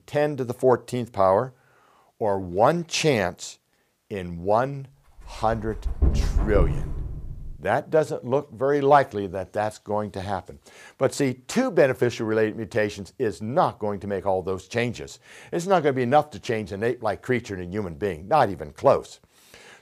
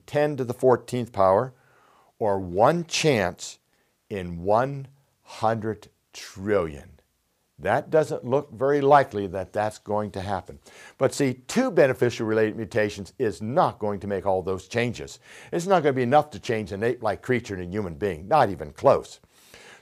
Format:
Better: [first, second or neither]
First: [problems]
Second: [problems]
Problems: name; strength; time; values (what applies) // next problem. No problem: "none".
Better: second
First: dog barking; loud; from 5.5 to 7.5 s; peak level with the speech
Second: none